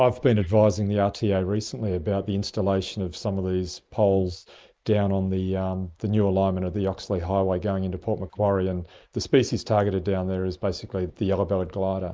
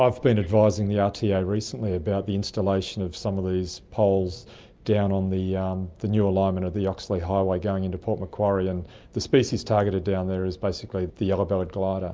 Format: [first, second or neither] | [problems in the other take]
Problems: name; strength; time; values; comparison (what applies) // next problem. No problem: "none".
second | noise reduction (neural mask model Resemble Enhance denoiser)